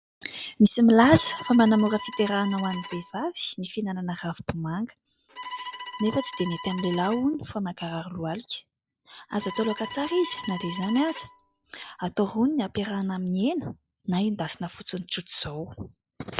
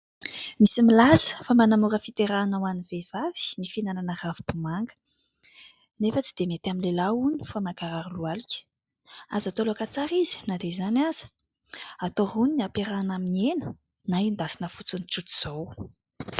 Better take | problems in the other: second | background sound (Bowed string instrument); 13 dB below the speech

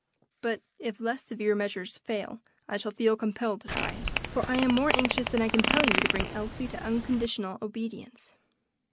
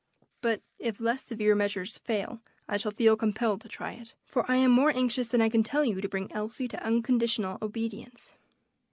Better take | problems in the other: second | background sound (Fart); as loud as the speech

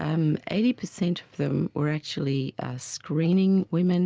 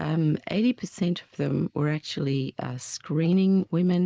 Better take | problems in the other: first | noise reduction (neural mask model Resemble Enhance denoiser)

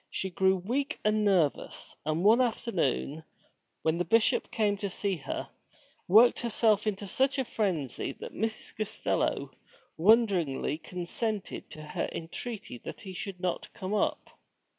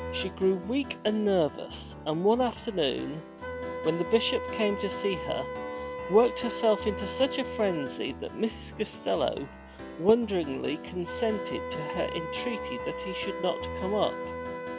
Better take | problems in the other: first | background sound (Piano + Wind instrument, woodwind instrument); 7 dB below the speech

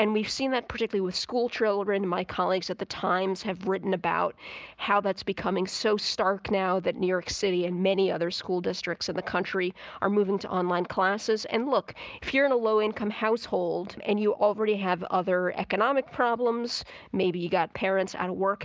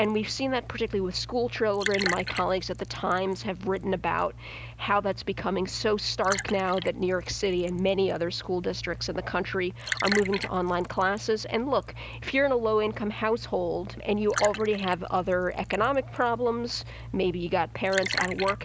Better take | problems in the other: first | background sound (Liquid); 10 dB below the speech

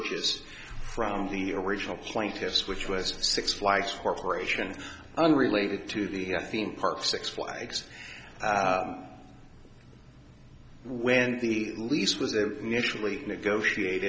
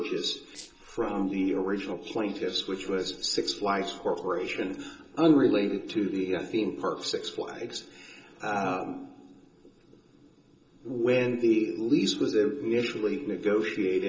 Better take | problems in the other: first | noise reduction (neural separator model SepFormer DNS4)

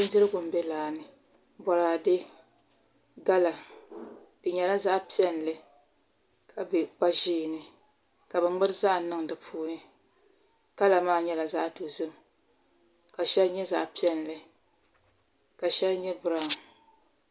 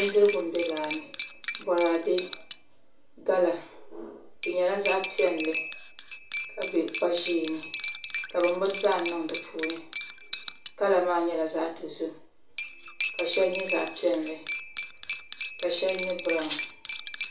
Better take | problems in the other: first | background sound (Cutlery, silverware); 9 dB below the speech // room echo; dies away in 0.3 s

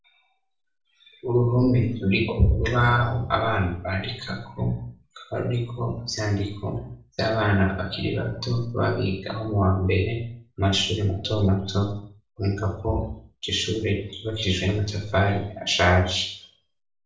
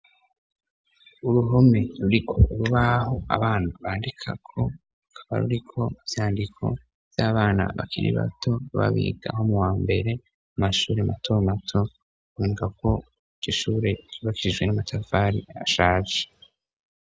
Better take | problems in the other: second | room echo; dies away in 0.5 s

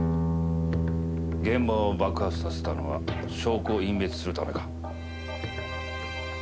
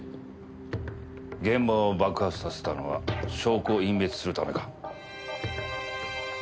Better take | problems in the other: second | background sound (Guitar); as loud as the speech

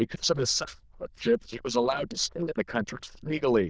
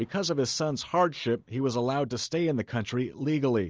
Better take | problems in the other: second | noise reduction (neural diffusion model UNIVERSE++)

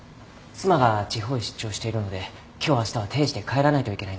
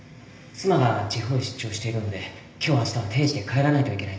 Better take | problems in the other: first | room echo; dies away in 0.8 s

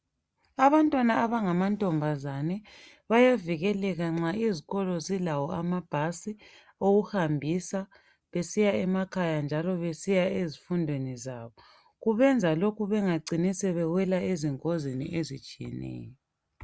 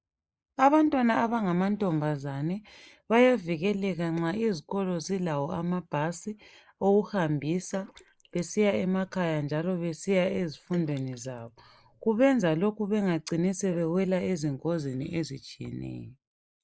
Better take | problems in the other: first | noise reduction (neural mask model Resemble Enhance denoiser)

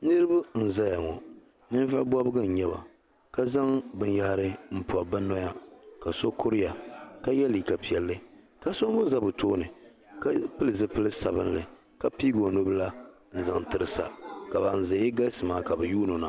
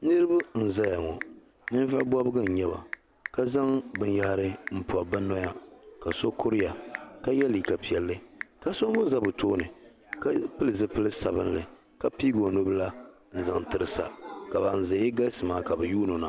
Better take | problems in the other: first | background sound (Telephone / Typing); 18 dB below the speech

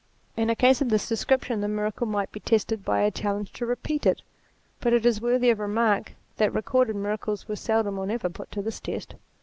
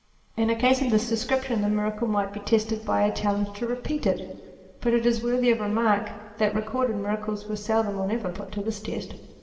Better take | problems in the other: first | room echo; dies away in 2.1 s

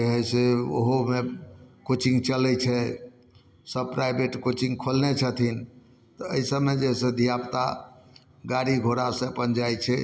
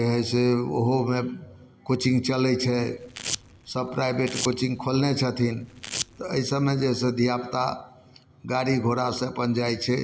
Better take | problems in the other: first | background sound (Domestic sounds, home sounds); 11 dB below the speech

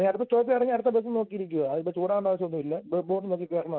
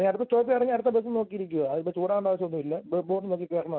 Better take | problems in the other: second | noise reduction (neural mask model Resemble Enhance denoiser)

